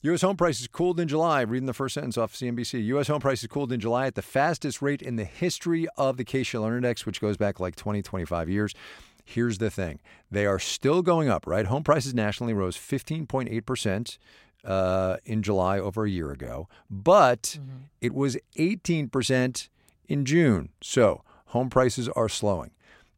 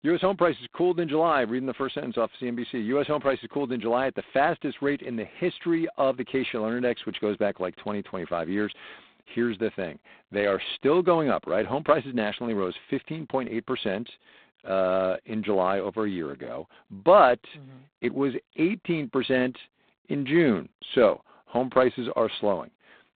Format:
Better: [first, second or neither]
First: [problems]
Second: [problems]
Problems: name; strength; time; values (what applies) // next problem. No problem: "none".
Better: first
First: none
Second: phone-call audio; poor line; nothing above 4 kHz